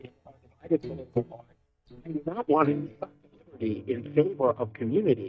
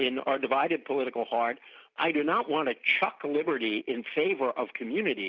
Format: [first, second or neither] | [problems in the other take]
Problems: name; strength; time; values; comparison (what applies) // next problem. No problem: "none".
second | noise reduction (neural mask model DeepFilterNet 3)